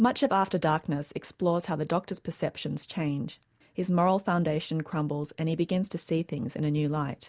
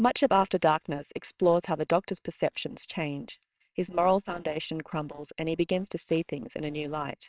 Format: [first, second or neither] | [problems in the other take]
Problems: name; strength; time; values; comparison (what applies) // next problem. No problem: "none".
first | noise reduction (neural separator model SepFormer WHAMR!)